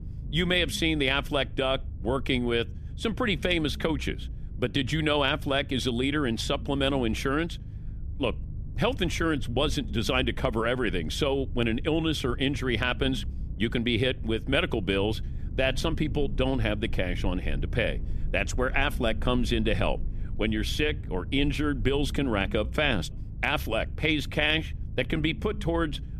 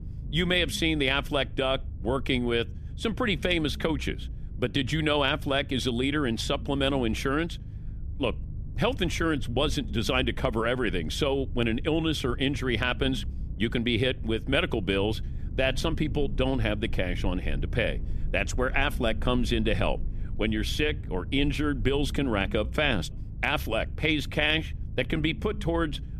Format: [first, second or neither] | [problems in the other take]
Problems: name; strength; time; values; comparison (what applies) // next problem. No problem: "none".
neither | low rumble; faint; throughout; 25 dB below the speech; the same in both